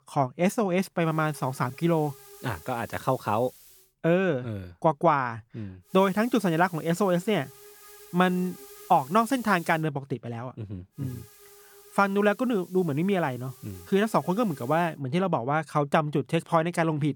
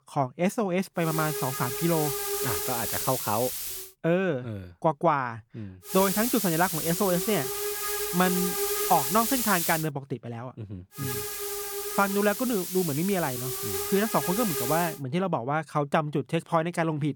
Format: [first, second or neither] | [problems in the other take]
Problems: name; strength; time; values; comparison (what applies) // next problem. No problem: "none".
first | hiss; loud; from 1 to 4 s, from 6 to 10 s and from 11 to 15 s; 1 dB below the speech; faint in the first